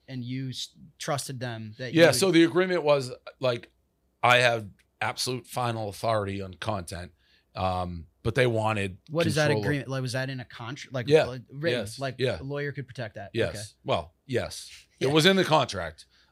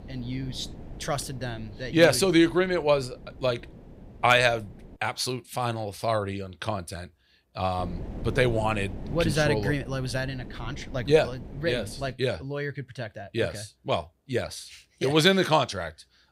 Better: first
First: none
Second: wind noise on the microphone; occasional gusts; until 5 s and from 8 to 12 s; 20 dB below the speech

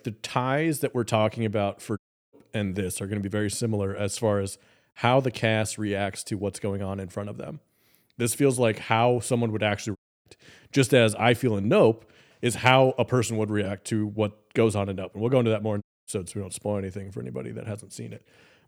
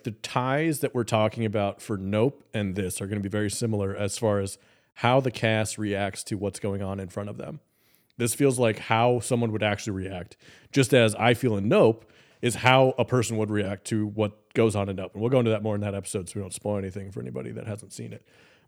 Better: second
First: audio cutting out; at 2 s, at 10 s and at 16 s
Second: none

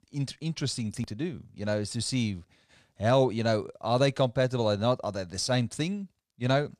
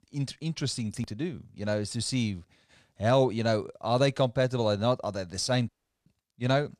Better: first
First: none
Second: audio cutting out; at 5.5 s

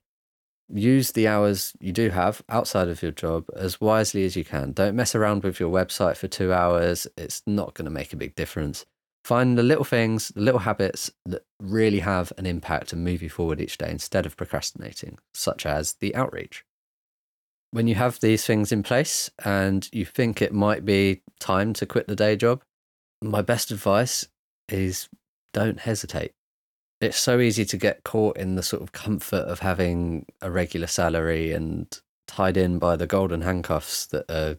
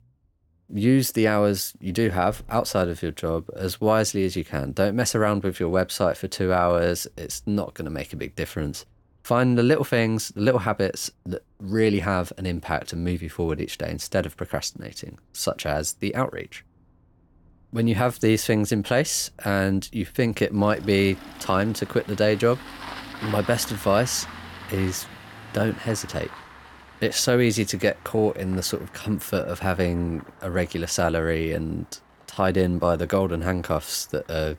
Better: first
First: none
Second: traffic noise; noticeable; throughout; 20 dB below the speech

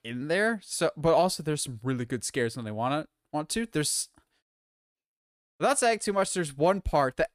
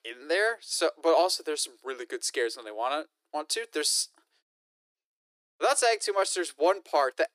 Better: first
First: none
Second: thin; very; fading below 350 Hz

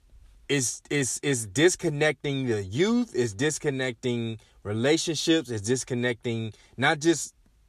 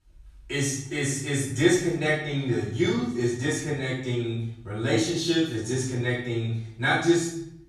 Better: first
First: none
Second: off-mic speech; far // room echo; noticeable; dies away in 0.7 s

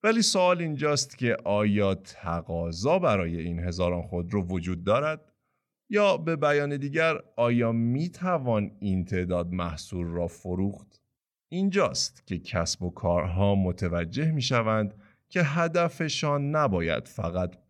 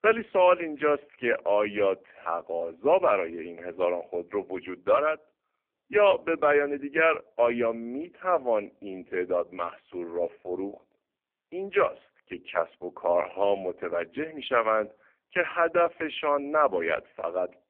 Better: first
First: none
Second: phone-call audio; poor line; nothing above 3 kHz

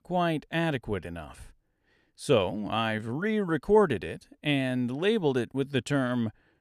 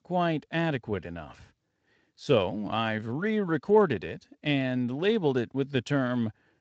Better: first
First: none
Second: garbled, watery; slightly; nothing above 7.5 kHz

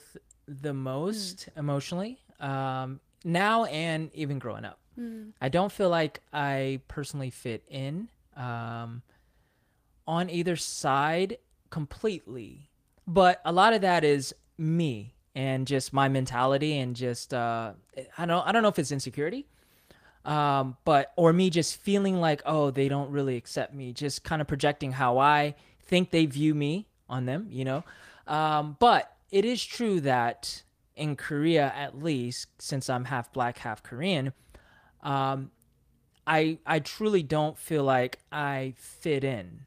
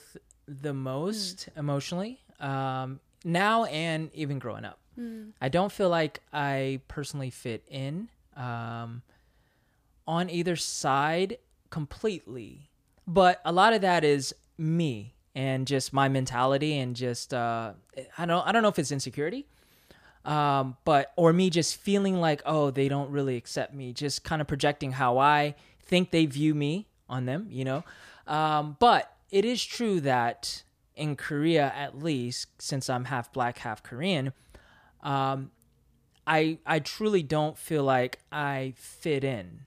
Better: second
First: garbled, watery; slightly; nothing above 15 kHz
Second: none

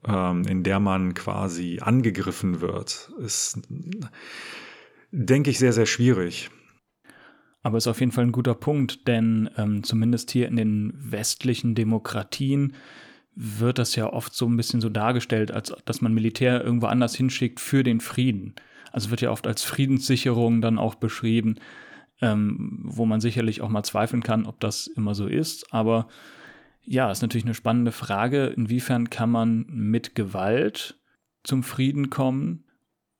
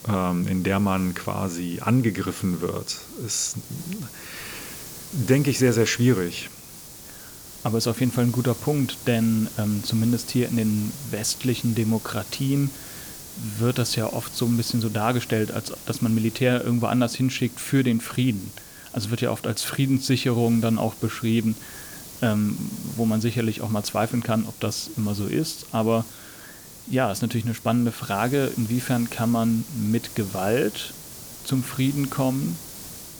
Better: first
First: none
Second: hiss; noticeable; throughout; 15 dB below the speech

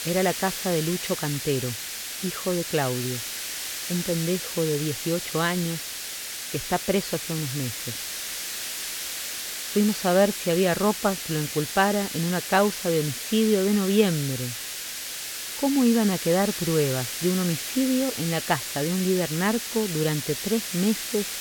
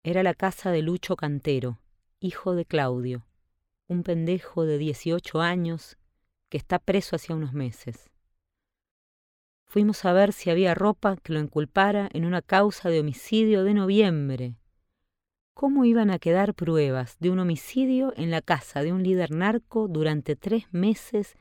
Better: second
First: hiss; loud; throughout; 5 dB below the speech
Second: none

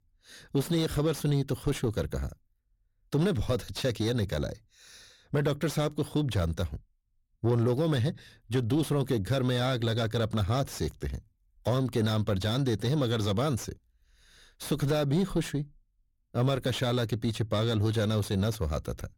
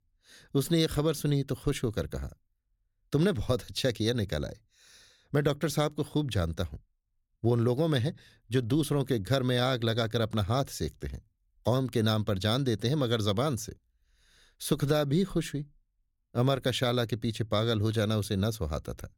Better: second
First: distortion; slight; 10 dB below the speech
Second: none

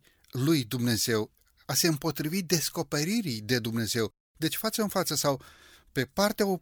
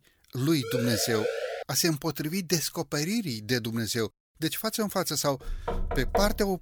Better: first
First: none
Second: siren; noticeable; at 0.5 s; peak 3 dB below the speech // door banging; noticeable; from 5.5 s on; peak 2 dB below the speech

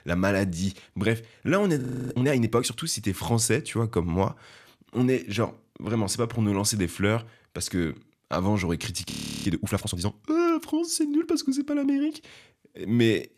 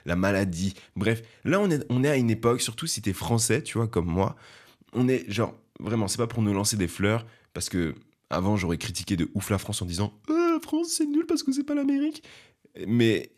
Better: second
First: audio freezing; at 2 s and at 9 s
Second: none

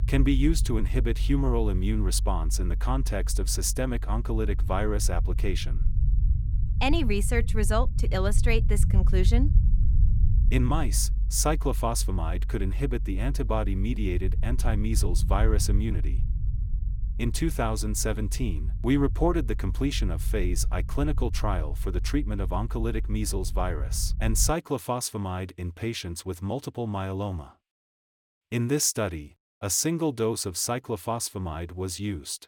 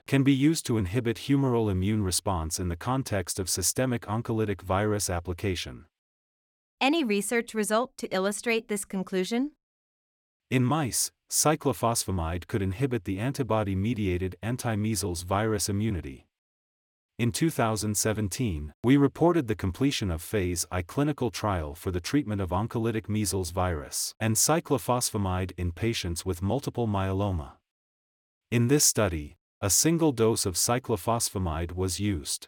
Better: second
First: low rumble; noticeable; until 25 s; 15 dB below the speech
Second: none

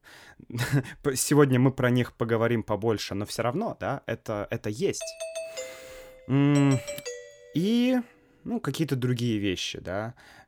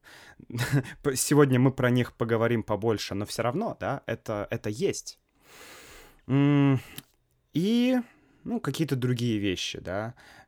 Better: second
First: doorbell; noticeable; from 5 to 7.5 s; peak 9 dB below the speech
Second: none

